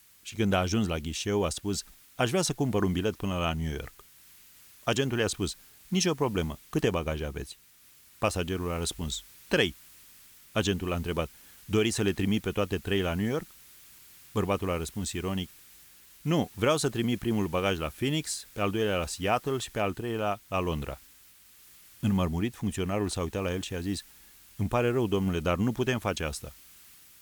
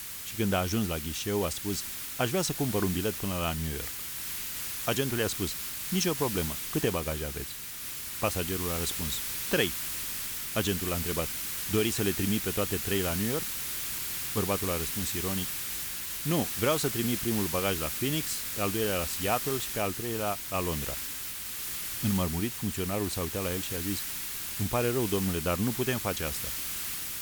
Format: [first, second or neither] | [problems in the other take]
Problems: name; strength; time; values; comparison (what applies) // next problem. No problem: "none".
first | hiss; loud; throughout; 1 dB below the speech; faint in the first